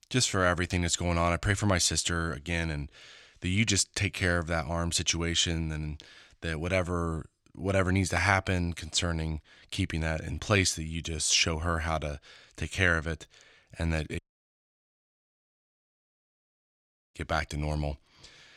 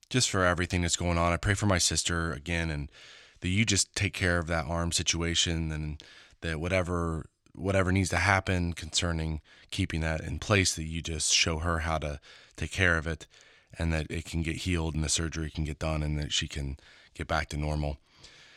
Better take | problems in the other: second | audio cutting out; at 14 s for 3 s

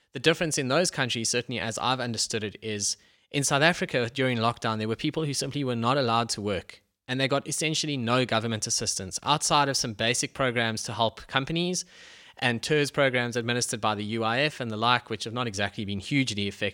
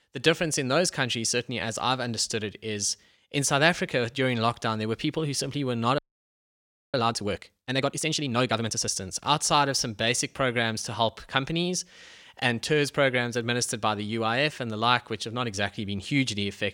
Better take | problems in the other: first | audio freezing; at 6 s for 1 s

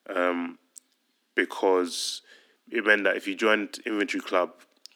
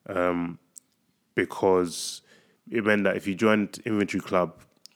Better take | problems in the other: second | thin; very slightly; fading below 250 Hz

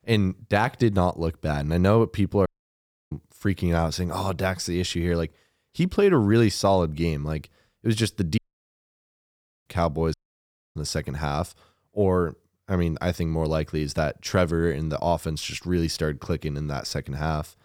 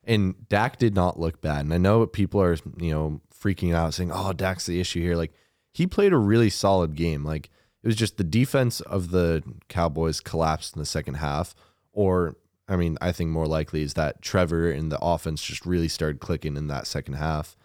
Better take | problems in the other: second | audio cutting out; at 2.5 s for 0.5 s, at 8.5 s for 1.5 s and at 10 s for 0.5 s

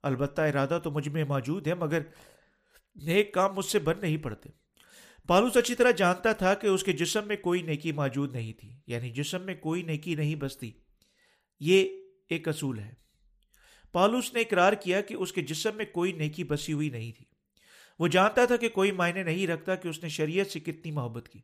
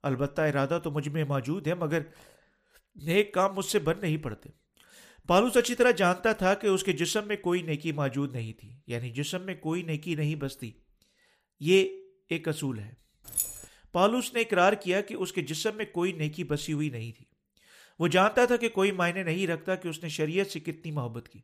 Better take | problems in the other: first | jangling keys; noticeable; at 13 s; peak 2 dB below the speech

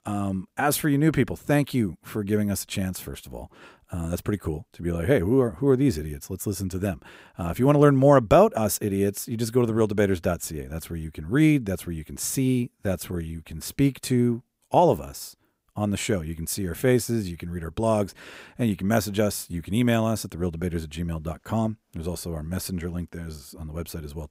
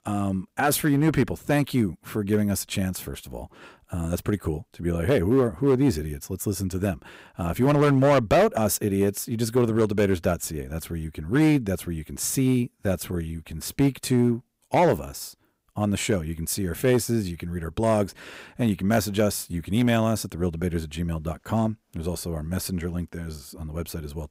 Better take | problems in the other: first | distortion; slight; 3% of the sound clipped

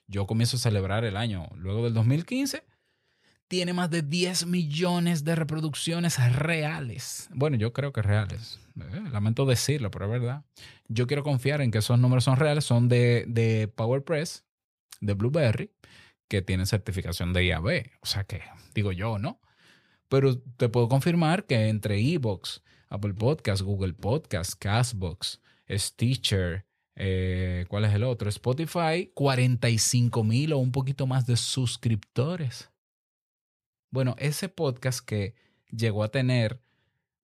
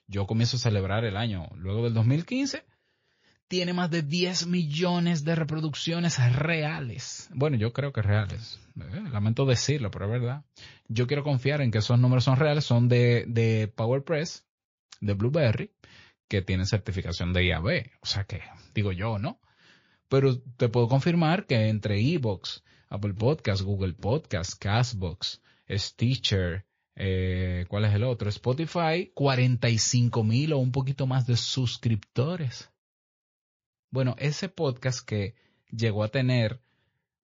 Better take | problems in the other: first | garbled, watery; slightly; nothing above 7 kHz

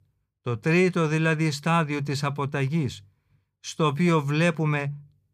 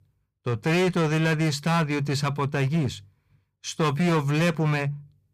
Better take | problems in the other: first | distortion; slight; 12% of the sound clipped

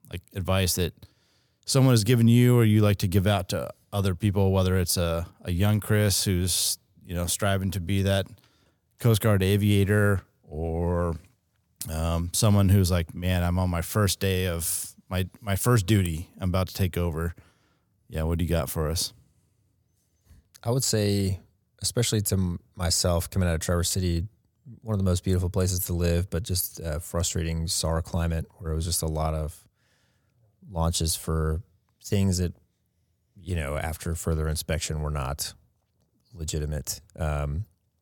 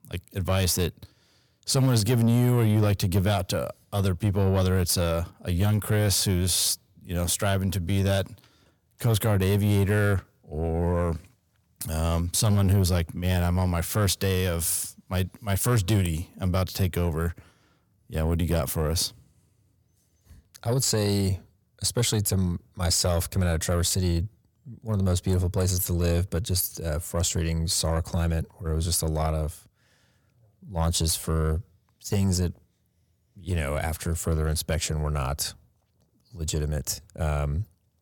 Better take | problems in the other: first | distortion; slight; 10 dB below the speech

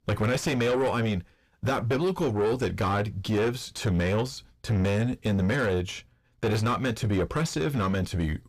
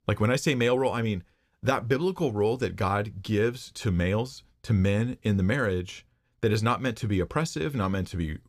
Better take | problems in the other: second | distortion; heavy; 6 dB below the speech

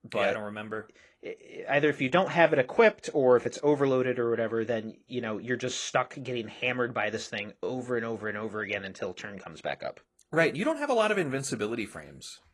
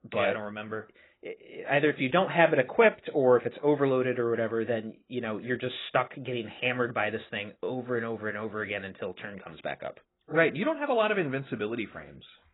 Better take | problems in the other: first | garbled, watery; badly; nothing above 4 kHz; slightly in the first

